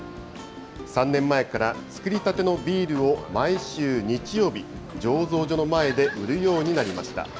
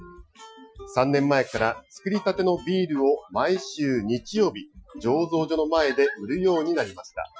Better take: first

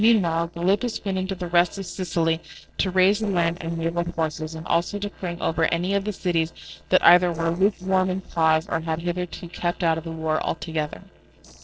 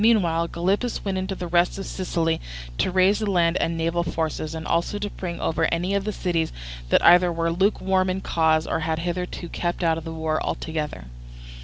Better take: second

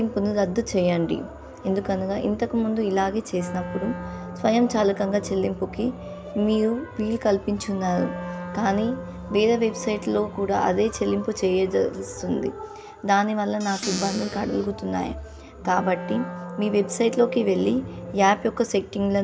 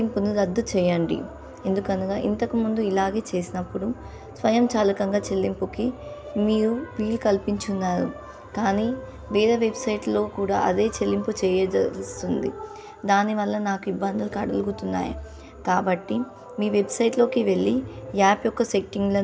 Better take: second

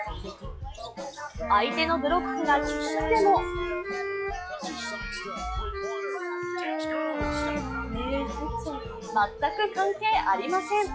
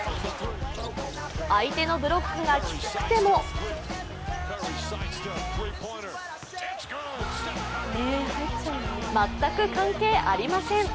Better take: second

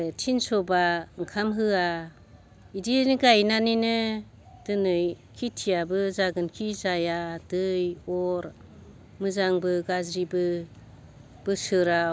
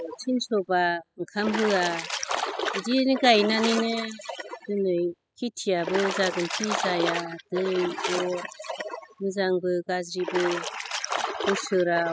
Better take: first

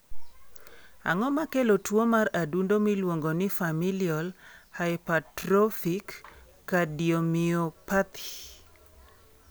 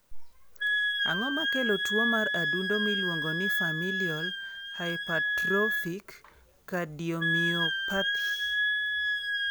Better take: first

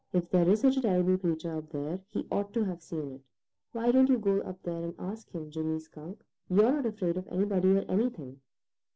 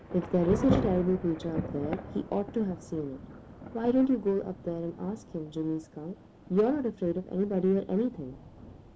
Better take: first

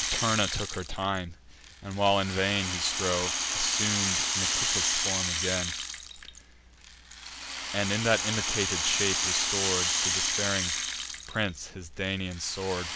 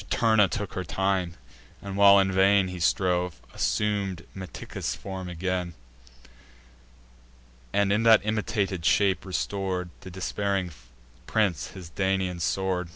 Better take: second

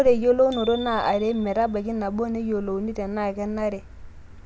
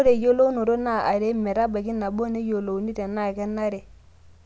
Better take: second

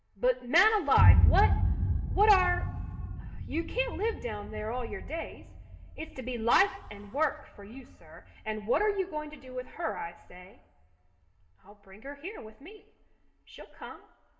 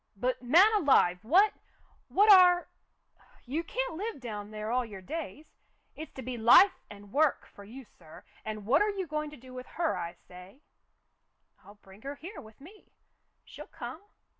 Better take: second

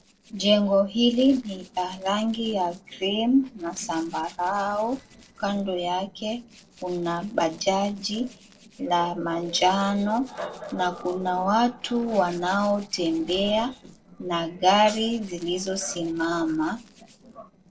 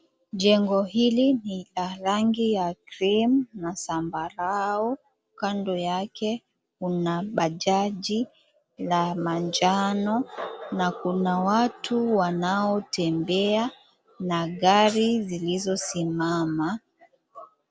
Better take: second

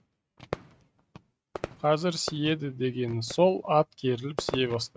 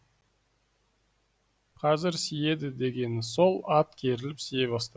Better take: second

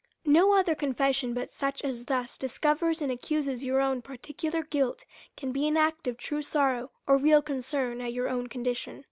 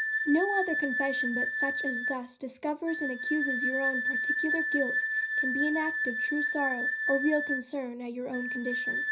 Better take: first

